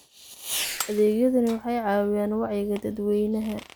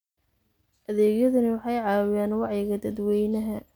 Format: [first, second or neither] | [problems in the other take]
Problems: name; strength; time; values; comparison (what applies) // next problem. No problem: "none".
second | background sound (Fireworks + Shatter); 12 dB below the speech